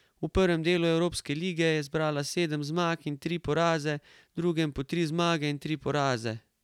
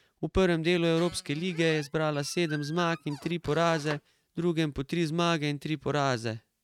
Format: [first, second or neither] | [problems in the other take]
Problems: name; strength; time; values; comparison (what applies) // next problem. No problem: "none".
first | noise reduction (neural mask model RNNoise)